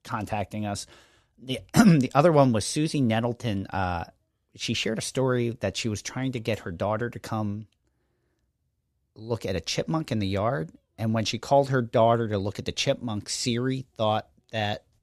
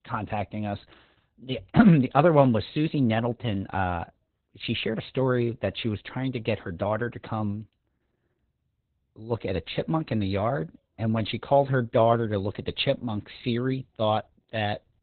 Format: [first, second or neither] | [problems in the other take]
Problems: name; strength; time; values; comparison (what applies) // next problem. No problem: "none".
first | garbled, watery; badly; nothing above 4 kHz